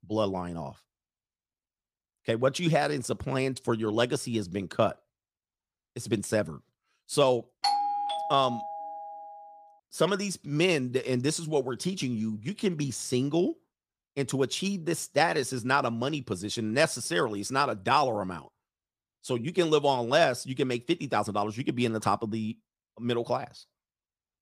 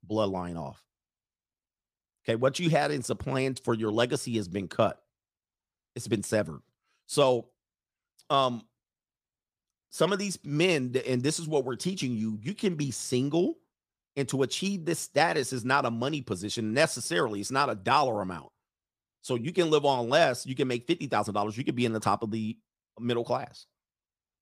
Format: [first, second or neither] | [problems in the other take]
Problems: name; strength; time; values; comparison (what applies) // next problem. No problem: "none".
second | doorbell; loud; from 7.5 to 9 s; peak 1 dB above the speech